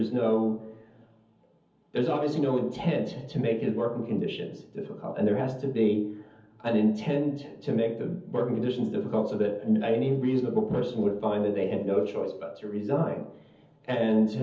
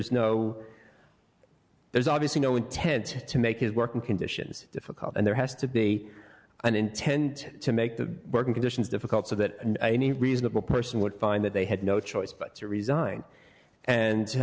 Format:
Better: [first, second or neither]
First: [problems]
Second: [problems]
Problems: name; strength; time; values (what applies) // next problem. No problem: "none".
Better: second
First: room echo; dies away in 0.7 s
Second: none